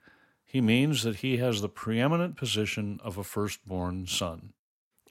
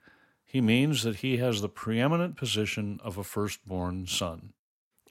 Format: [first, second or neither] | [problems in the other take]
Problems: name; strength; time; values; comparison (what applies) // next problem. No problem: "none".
neither | none